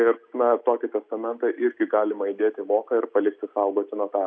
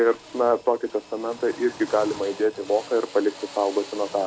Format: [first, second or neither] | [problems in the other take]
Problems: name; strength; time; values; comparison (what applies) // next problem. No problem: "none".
first | background sound (Drill); 18 dB below the speech